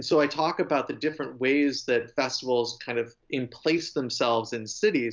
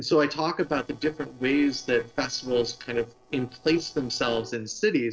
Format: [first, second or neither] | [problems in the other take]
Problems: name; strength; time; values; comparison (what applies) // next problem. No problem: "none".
first | noise reduction (neural separator model SepFormer DNS4)